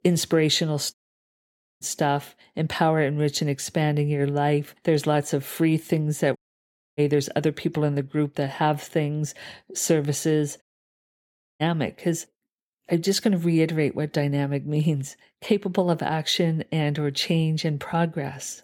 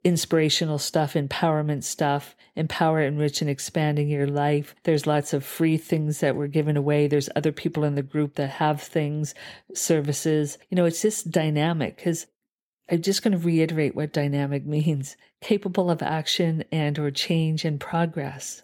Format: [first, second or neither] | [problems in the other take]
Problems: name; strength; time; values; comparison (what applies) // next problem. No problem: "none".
second | audio cutting out; at 1 s for 1 s, at 6.5 s for 0.5 s and at 11 s for 1 s